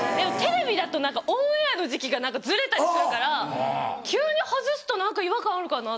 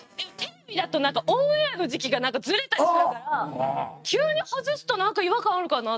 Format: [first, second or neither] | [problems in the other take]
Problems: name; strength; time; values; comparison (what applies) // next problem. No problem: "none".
first | noise reduction (neural mask model RNNoise)